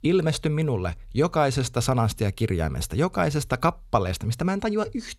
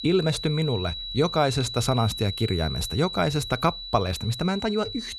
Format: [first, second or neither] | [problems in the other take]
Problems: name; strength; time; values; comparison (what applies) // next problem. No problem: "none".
first | high-pitched whine; loud; throughout; 4 kHz, 7 dB below the speech